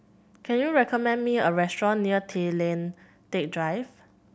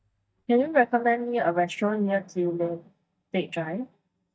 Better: first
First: none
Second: noise reduction (neural mask model DeepFilterNet 3)

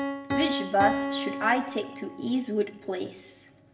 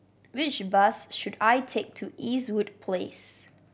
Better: second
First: background sound (Piano); 4 dB below the speech // room echo; dies away in 0.7 s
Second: none

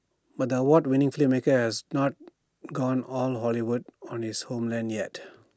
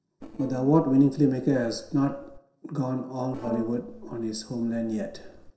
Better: first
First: none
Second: noise reduction (neural separator model SepFormer DNS4)

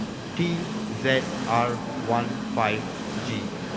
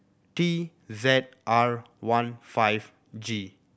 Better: second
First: background sound (Train); 3 dB below the speech // room echo; dies away in 2.9 s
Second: none

